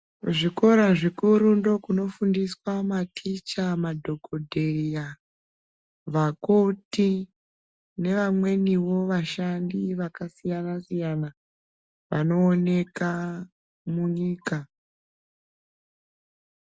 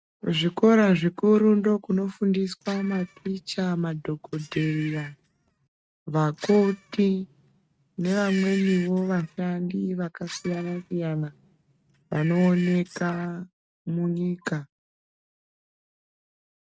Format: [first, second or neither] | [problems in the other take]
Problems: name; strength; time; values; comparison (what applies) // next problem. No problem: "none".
first | noise reduction (neural mask model RNNoise)